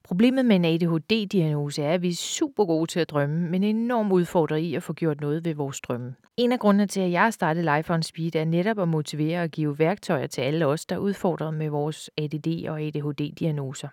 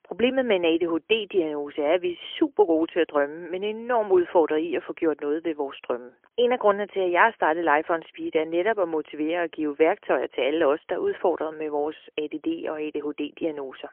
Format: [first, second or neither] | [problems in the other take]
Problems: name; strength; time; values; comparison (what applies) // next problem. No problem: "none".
first | phone-call audio; poor line; nothing above 3 kHz